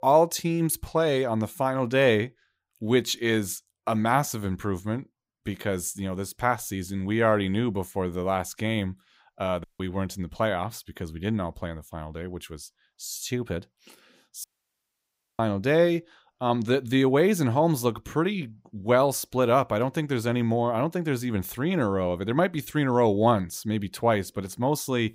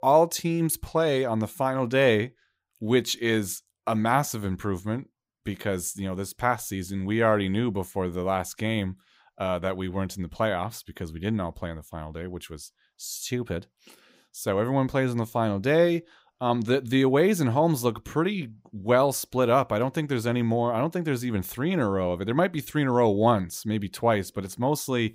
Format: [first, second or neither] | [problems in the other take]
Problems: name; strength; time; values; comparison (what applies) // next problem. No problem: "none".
second | audio cutting out; at 9.5 s and at 14 s for 1 s